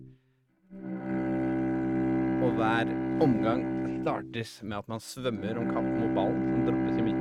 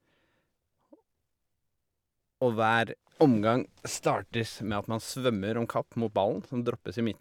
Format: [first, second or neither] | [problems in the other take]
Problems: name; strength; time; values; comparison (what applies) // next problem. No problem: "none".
second | noise reduction (neural mask model RNNoise)